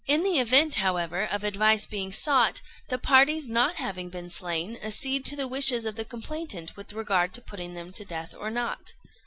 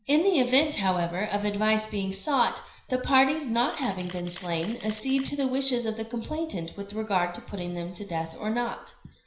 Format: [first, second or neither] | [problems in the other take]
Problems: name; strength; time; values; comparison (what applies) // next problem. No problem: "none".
first | background sound (Camera); 19 dB below the speech // room echo; dies away in 0.5 s